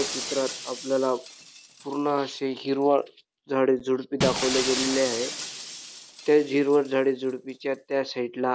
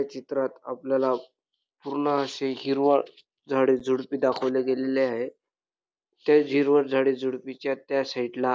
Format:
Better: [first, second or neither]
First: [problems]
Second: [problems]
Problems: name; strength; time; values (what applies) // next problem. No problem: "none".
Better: second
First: background sound (Shatter); 10 dB below the speech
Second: none